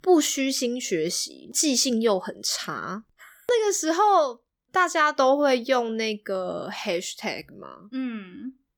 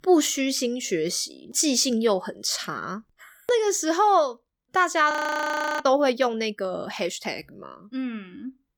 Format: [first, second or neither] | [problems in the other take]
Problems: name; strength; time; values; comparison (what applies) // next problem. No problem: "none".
first | audio freezing; at 5 s for 0.5 s